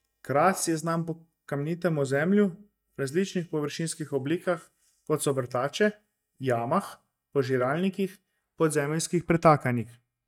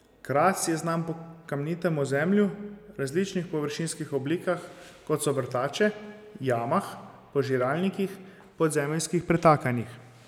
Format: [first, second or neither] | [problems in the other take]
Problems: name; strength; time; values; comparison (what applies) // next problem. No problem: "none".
second | noise reduction (neural mask model DeepFilterNet 3)